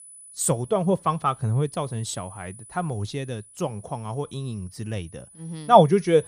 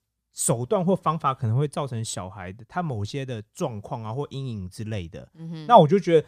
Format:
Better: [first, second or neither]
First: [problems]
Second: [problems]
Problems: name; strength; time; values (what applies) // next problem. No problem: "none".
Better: second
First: high-pitched whine; faint; throughout; 10 kHz, 20 dB below the speech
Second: none